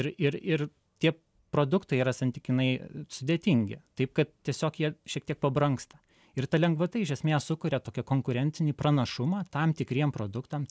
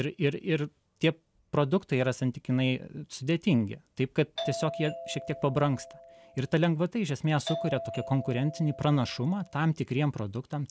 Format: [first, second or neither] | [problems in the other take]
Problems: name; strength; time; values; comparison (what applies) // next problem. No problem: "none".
first | background sound (Doorbell); 11 dB below the speech